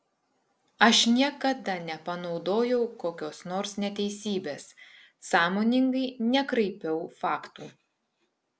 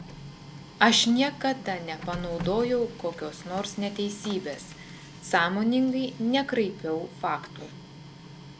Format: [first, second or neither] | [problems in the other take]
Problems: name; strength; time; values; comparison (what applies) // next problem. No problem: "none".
first | background sound (Printer); 14 dB below the speech